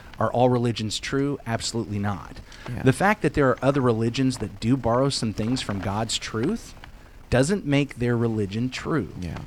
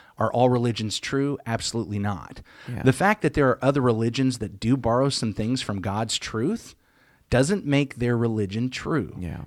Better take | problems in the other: second | wind noise on the microphone; occasional gusts; 20 dB below the speech

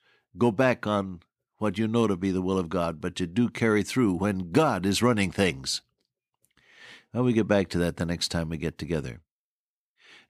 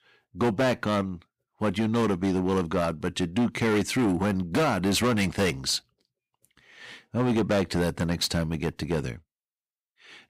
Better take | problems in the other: first | distortion; heavy; 11% of the sound clipped

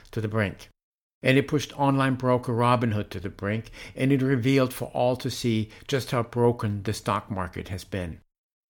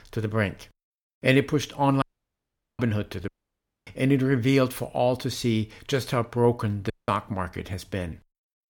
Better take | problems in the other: first | audio cutting out; at 2 s for 1 s, at 3.5 s for 0.5 s and at 7 s

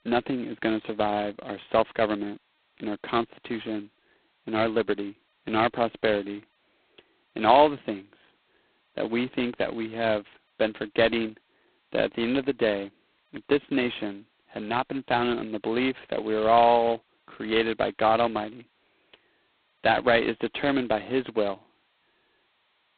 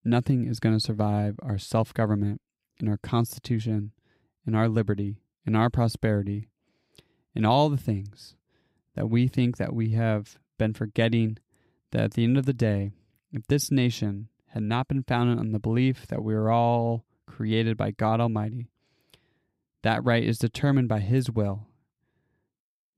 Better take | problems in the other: second | phone-call audio; poor line; nothing above 4 kHz

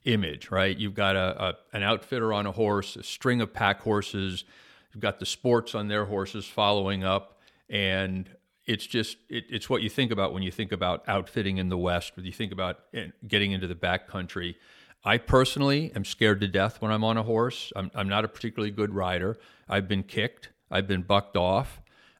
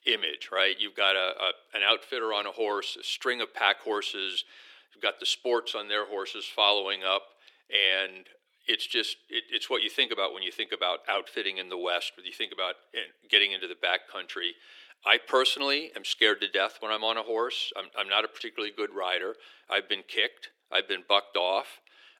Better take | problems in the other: first | thin; very; fading below 350 Hz

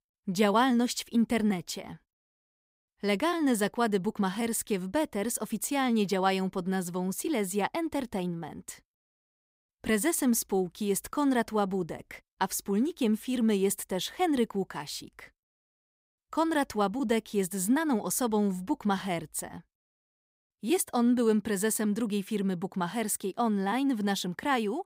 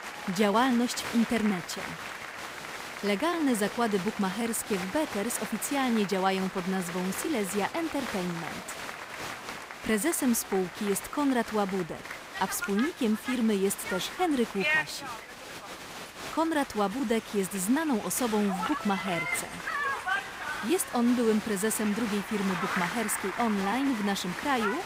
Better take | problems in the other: first | crowd noise; loud; throughout; 7 dB below the speech

